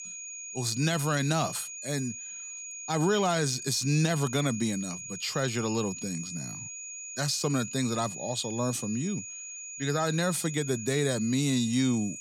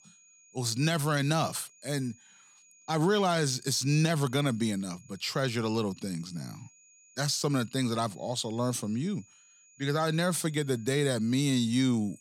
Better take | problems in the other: second | high-pitched whine; loud; throughout; 6.5 kHz, 9 dB below the speech; faint in the second

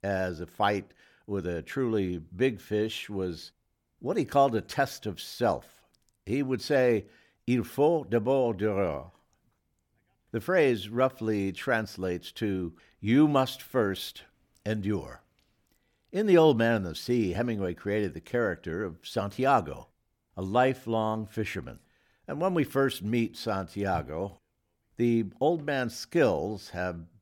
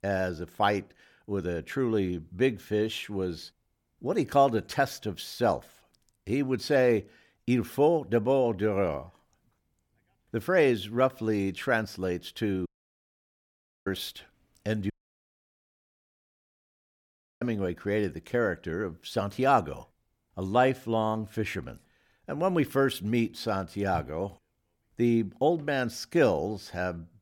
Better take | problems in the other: first | audio cutting out; at 13 s for 1 s and at 15 s for 2.5 s

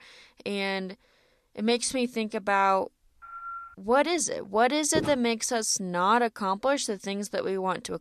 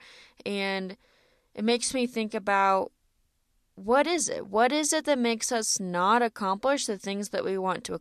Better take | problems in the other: second | phone ringing; faint; at 3 s; peak 10 dB below the speech // footsteps; noticeable; at 5 s; peak 6 dB below the speech

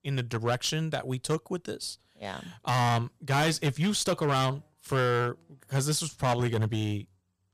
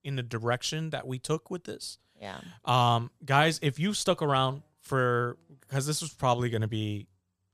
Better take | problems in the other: second | distortion; heavy; 8% of the sound clipped

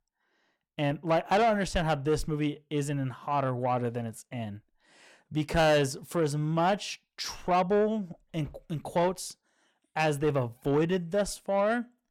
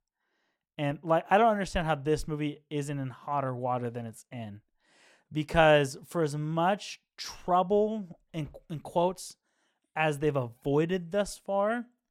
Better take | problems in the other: second | distortion; slight; 10 dB below the speech

